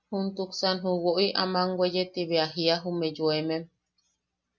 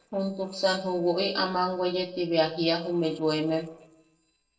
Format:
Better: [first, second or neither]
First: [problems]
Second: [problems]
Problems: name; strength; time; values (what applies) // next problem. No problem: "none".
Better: first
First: none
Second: noise reduction (neural separator model SepFormer DNS4)